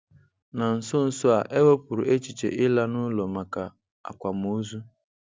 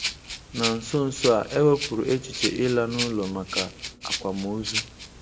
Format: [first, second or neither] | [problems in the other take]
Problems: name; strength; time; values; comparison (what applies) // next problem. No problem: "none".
first | background sound (Rattle (instrument)); 7 dB below the speech // room echo; dies away in 2.4 s